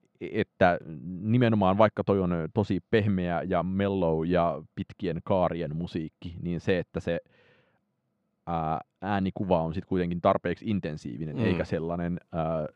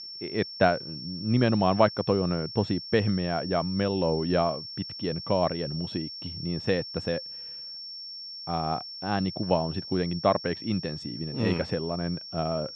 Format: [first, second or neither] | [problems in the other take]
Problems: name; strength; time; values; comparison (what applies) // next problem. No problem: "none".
first | high-pitched whine; loud; throughout; 5.5 kHz, 9 dB below the speech